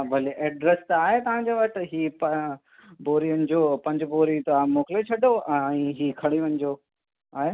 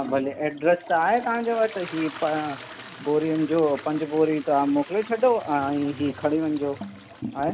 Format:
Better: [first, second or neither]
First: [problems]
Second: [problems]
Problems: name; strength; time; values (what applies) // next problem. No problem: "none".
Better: first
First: none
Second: background sound (Toilet flush); 16 dB below the speech